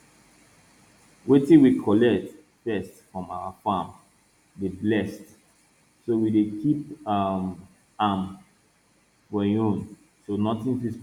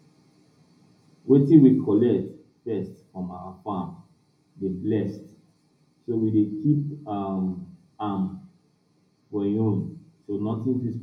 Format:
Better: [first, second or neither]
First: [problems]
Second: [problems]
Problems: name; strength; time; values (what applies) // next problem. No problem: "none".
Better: first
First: none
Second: room echo; dies away in 0.4 s